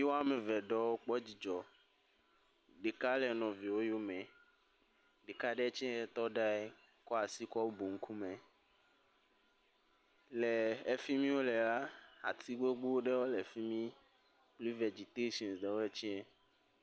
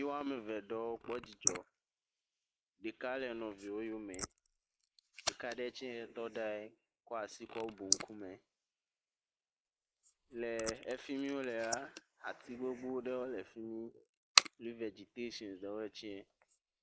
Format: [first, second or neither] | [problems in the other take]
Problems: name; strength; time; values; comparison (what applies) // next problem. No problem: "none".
first | noise reduction (neural mask model Resemble Enhance denoiser)